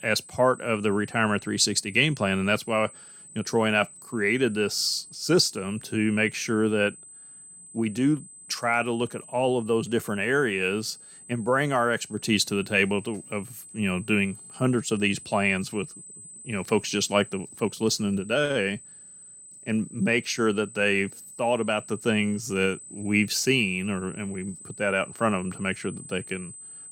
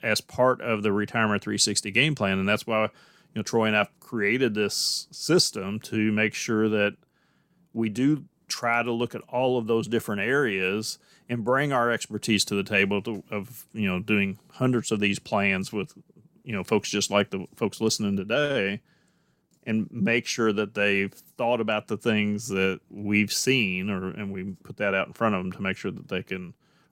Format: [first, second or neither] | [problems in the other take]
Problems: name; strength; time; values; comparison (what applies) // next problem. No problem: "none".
second | high-pitched whine; noticeable; throughout; 8 kHz, 15 dB below the speech